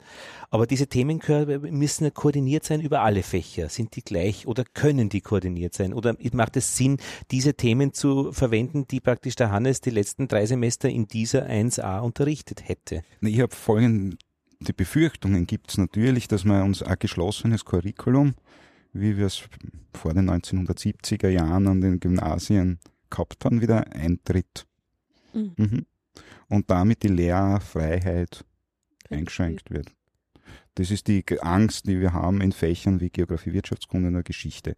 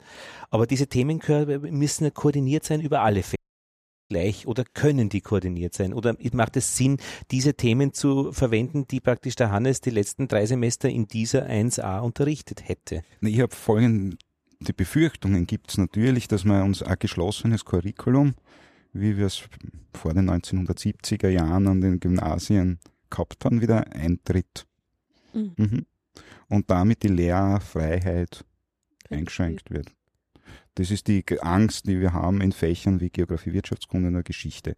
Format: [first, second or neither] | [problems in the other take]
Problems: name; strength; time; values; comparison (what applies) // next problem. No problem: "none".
first | audio cutting out; at 3.5 s for 0.5 s